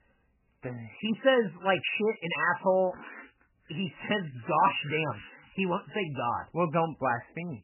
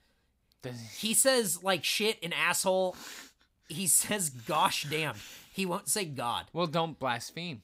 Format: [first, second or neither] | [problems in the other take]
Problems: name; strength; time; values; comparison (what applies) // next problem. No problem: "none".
second | garbled, watery; badly; nothing above 3 kHz